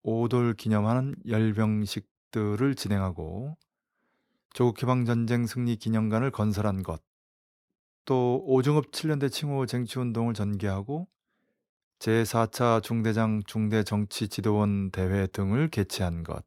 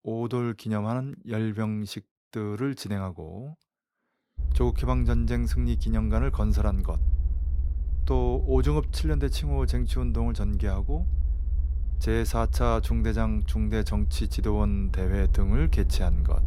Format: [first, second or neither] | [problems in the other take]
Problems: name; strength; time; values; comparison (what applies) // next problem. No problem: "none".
first | low rumble; noticeable; from 4.5 s on; 15 dB below the speech